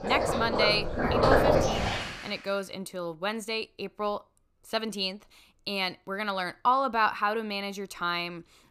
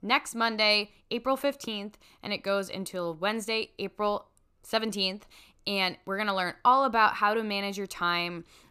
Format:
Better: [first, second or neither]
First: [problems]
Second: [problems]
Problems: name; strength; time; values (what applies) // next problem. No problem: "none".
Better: second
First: rain or running water; very loud; until 2 s; 4 dB above the speech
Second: none